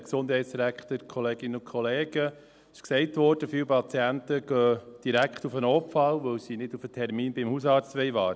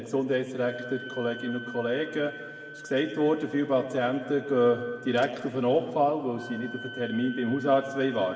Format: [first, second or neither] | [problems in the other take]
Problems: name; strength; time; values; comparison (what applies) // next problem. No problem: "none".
first | background sound (Wind instrument, woodwind instrument); 16 dB below the speech // room echo; dies away in 1.8 s